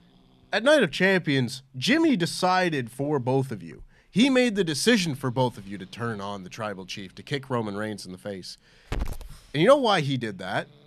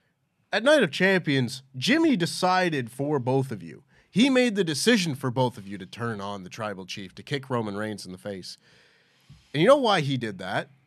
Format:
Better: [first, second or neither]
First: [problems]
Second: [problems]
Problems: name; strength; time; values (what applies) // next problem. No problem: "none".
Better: second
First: hiss; noticeable; throughout; 20 dB below the speech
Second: none